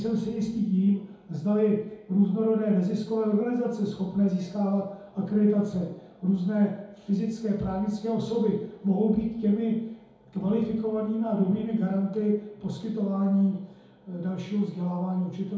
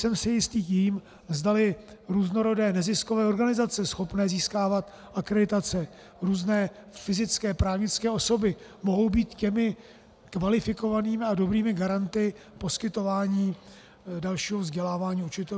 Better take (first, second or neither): second